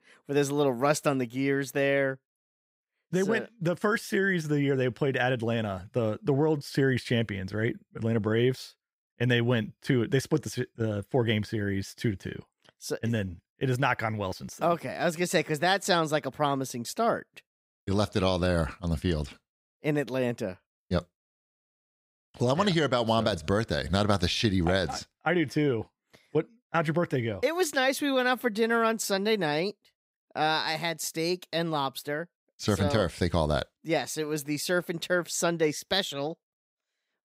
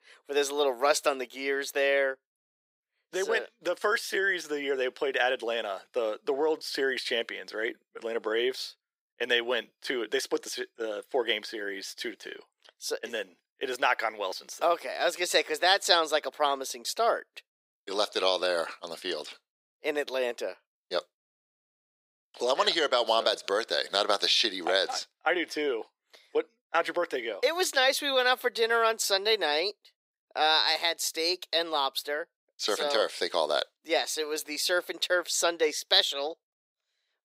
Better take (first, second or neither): first